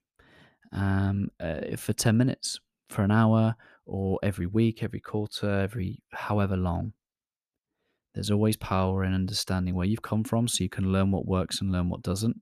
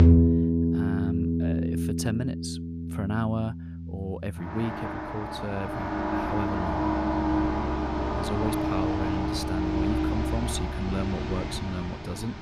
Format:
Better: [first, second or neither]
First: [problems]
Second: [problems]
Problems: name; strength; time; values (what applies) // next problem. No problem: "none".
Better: first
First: none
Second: background music; very loud; throughout; 5 dB above the speech